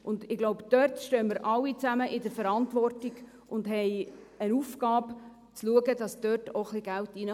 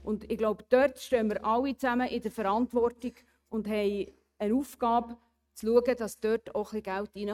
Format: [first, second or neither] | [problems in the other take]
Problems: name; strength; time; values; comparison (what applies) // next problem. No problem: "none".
first | noise reduction (neural mask model RNNoise)